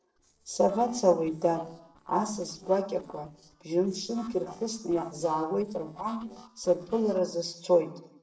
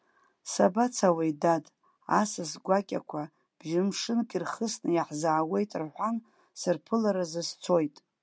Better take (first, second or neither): second